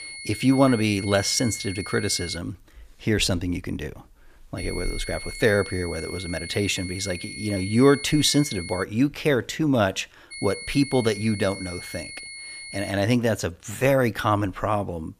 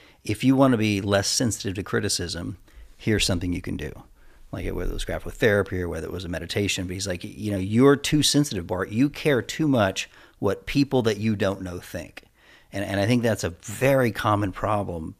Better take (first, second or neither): second